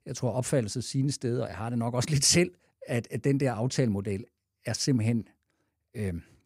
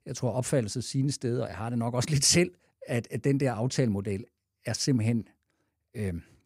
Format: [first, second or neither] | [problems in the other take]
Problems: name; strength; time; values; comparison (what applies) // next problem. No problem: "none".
neither | none